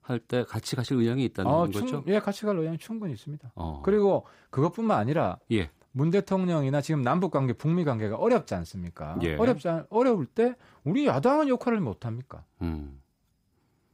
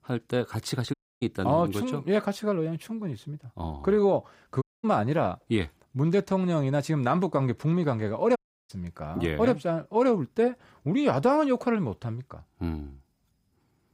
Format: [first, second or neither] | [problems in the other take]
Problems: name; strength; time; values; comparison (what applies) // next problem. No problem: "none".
first | audio cutting out; at 1 s, at 4.5 s and at 8.5 s